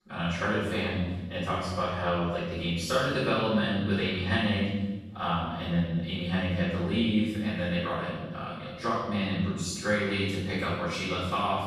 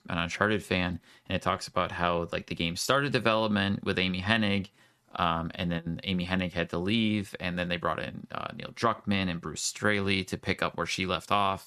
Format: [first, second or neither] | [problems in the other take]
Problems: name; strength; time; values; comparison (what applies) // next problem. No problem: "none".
second | off-mic speech; far // room echo; strong; dies away in 1.4 s